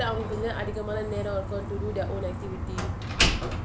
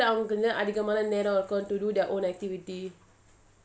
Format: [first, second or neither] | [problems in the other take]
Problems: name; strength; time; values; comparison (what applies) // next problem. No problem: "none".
second | background sound (Slam); 3 dB above the speech